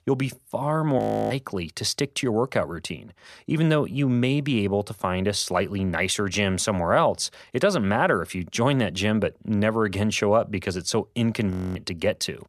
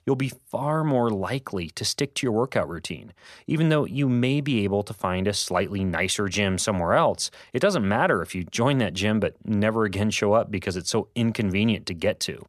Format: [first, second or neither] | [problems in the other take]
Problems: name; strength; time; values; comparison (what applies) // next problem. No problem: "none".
second | audio freezing; at 1 s and at 12 s